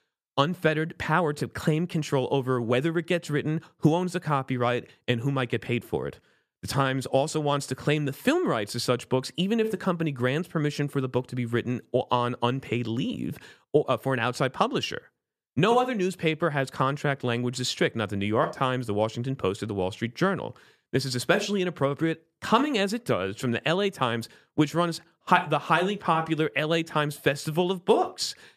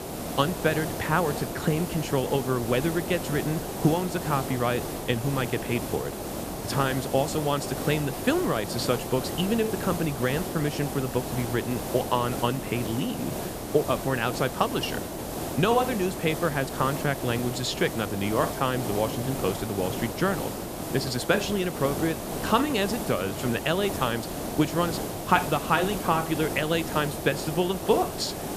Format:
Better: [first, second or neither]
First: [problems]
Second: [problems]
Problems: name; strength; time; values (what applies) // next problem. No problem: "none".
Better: first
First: none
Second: hiss; loud; throughout; 5 dB below the speech